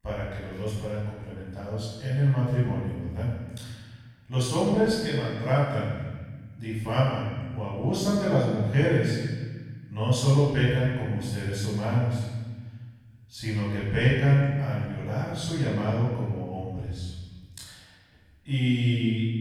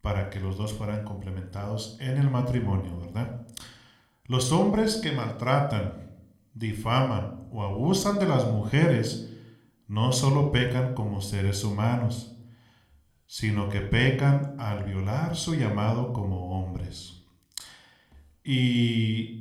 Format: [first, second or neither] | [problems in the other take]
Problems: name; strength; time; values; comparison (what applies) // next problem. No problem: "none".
second | room echo; strong; dies away in 1.5 s; slight in the second // off-mic speech; far